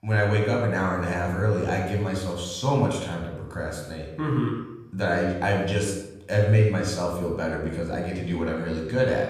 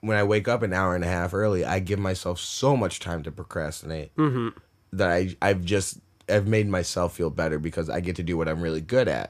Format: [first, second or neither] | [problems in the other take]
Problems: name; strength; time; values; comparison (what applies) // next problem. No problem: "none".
second | off-mic speech; somewhat distant // room echo; noticeable; dies away in 0.7 s